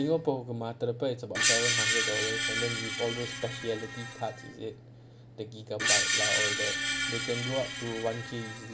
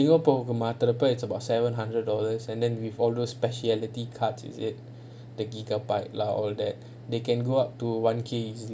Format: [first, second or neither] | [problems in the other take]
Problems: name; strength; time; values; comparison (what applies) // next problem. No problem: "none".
second | background sound (Screech); 2 dB above the speech